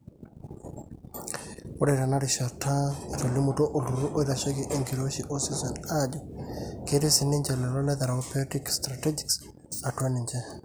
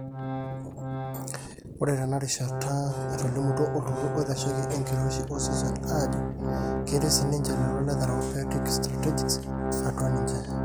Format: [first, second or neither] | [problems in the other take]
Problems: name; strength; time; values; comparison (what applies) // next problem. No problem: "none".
first | background sound (Organ); as loud as the speech